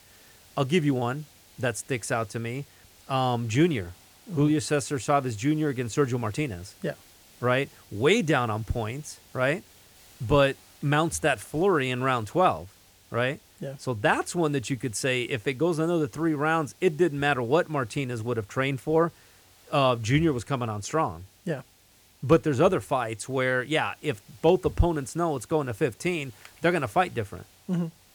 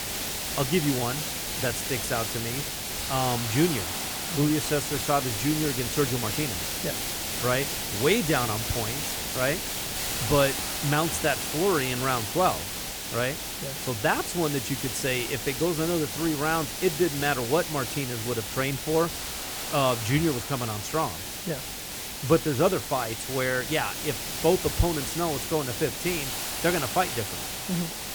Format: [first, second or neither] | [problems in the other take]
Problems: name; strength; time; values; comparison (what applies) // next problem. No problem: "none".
first | hiss; loud; throughout; 2 dB below the speech; faint in the first